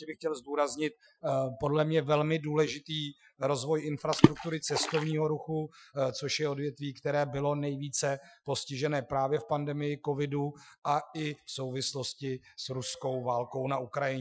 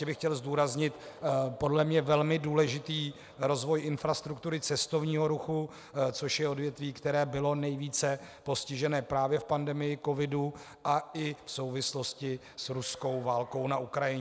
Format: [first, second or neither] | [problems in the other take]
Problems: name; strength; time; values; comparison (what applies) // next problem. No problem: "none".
second | noise reduction (classical method Wiener filter)